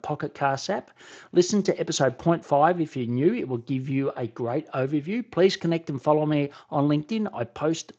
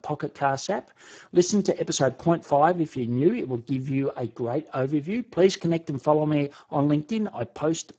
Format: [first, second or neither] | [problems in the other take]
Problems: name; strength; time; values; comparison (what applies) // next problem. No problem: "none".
first | garbled, watery; badly; slightly in the first